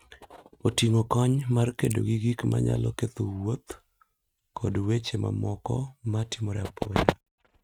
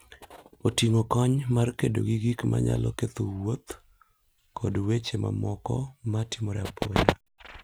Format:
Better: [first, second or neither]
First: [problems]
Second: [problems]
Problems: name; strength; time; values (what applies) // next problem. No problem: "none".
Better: second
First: noise reduction (neural mask model RNNoise)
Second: none